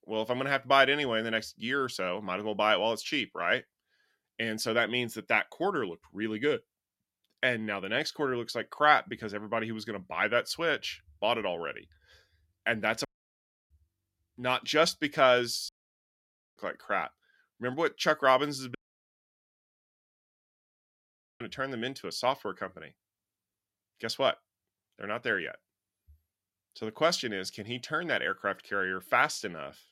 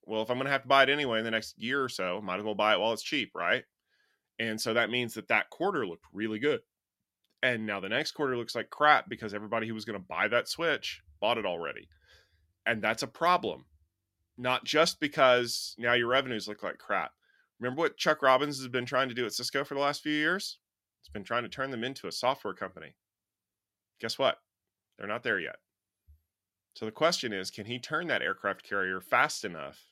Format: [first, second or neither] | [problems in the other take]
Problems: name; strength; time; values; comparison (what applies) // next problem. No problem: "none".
second | audio cutting out; at 13 s for 0.5 s, at 16 s for 1 s and at 19 s for 2.5 s